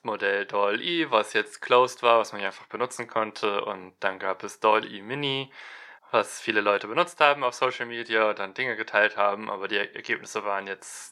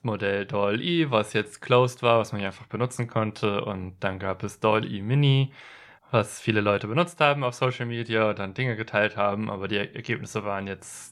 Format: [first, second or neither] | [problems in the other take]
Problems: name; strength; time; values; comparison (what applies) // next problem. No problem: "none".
second | thin; very; fading below 400 Hz